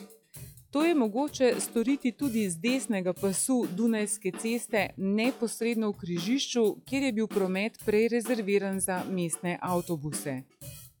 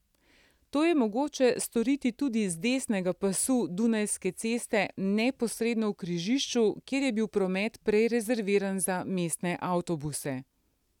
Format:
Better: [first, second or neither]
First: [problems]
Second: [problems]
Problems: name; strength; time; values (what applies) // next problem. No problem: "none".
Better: second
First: noise reduction (classical method log-MMSE)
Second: none